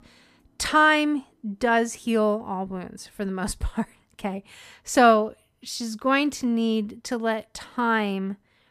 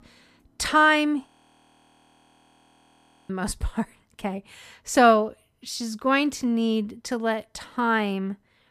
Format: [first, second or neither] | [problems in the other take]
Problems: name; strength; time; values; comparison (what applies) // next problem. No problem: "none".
first | audio freezing; at 1.5 s for 2 s